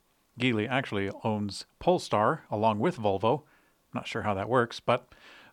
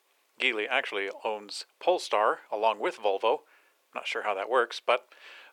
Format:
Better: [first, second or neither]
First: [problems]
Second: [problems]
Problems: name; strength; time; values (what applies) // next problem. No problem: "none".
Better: first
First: none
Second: thin; very; fading below 400 Hz